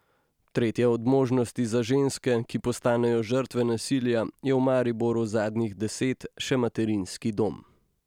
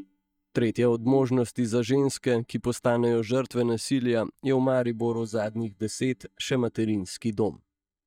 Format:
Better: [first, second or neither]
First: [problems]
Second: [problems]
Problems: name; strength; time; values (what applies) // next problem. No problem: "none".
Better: first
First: none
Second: noise reduction (neural mask model DeepFilterNet 3)